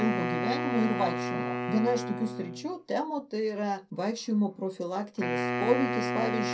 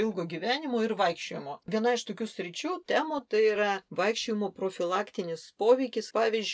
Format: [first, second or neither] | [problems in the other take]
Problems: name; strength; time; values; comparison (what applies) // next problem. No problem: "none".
second | background sound (Wind instrument, woodwind instrument); 3 dB below the speech // room echo; dies away in 0.2 s